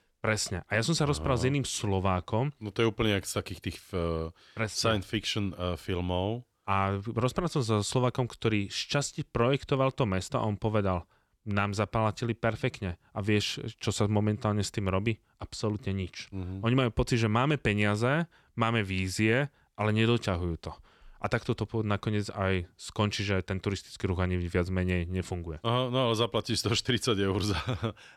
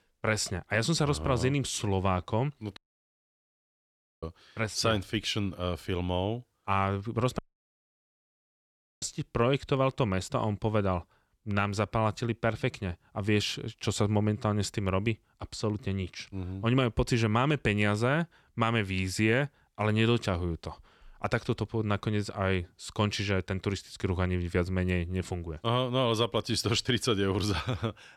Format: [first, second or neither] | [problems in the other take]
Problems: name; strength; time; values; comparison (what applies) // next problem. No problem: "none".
first | audio cutting out; at 3 s for 1.5 s and at 7.5 s for 1.5 s